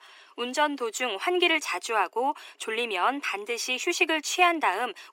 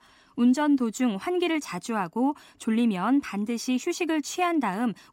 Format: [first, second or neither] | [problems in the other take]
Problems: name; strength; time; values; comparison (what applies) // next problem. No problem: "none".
second | thin; very; fading below 400 Hz